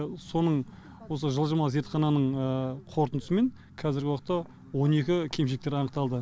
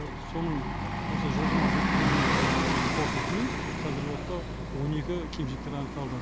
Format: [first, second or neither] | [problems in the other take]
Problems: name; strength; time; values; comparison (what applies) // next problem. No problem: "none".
first | background sound (Bus); 5 dB above the speech